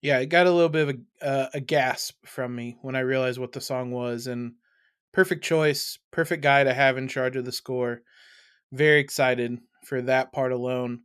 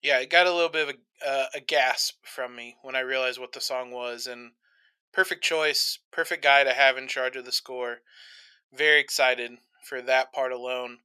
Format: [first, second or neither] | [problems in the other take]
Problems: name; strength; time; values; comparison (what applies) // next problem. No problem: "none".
first | thin; very; fading below 700 Hz